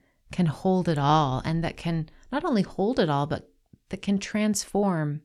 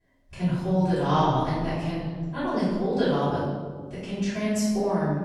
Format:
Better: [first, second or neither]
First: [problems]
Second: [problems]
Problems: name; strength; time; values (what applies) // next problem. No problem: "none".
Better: first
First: none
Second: off-mic speech; far // room echo; strong; dies away in 1.4 s